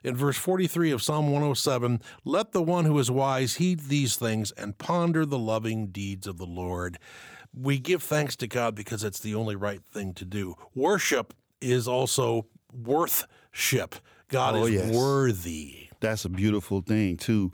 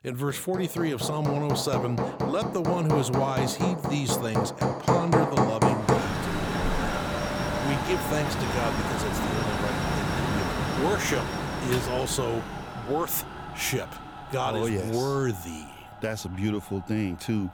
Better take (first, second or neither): first